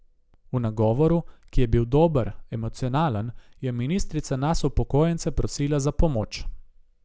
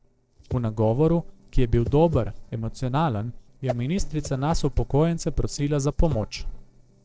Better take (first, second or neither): first